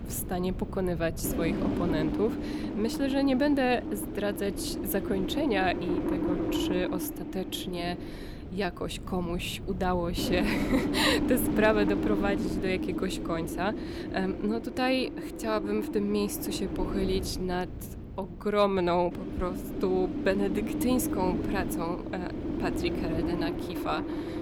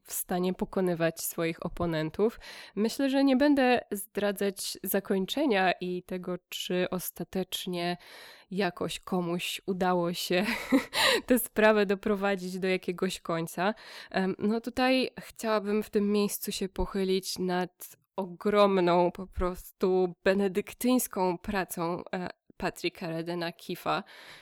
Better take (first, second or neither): second